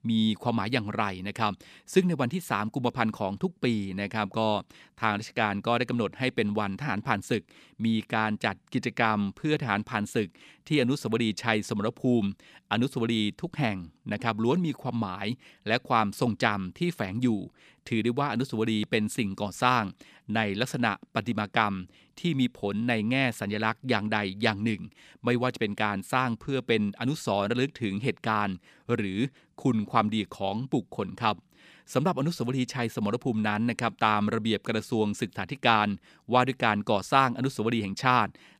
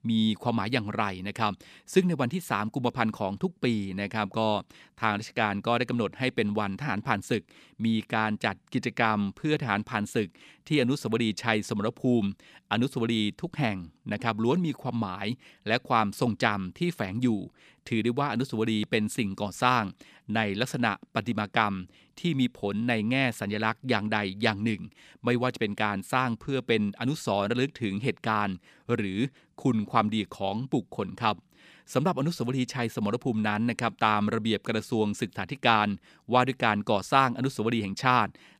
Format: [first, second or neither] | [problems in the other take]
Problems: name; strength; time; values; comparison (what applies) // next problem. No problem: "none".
neither | none